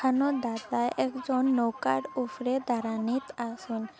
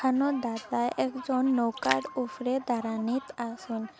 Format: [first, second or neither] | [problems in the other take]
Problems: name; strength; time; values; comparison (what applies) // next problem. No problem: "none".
first | background sound (Splash, splatter); 13 dB below the speech